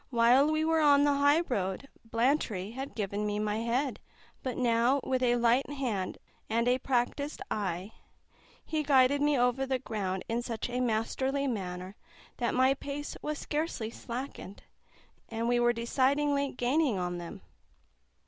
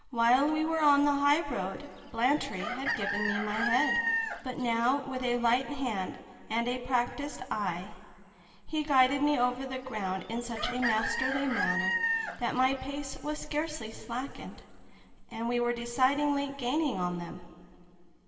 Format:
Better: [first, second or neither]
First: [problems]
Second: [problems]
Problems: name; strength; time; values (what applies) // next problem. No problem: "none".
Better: first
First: none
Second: background sound (Chicken, rooster); 3 dB below the speech // room echo; dies away in 2.2 s